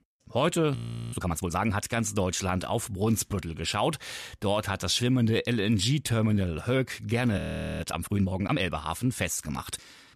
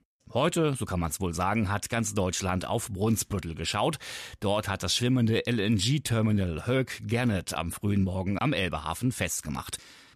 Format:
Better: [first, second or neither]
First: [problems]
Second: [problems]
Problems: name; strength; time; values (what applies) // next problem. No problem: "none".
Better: second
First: audio freezing; at 1 s and at 7.5 s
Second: none